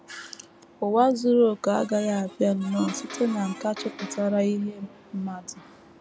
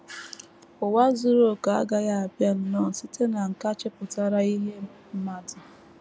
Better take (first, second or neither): second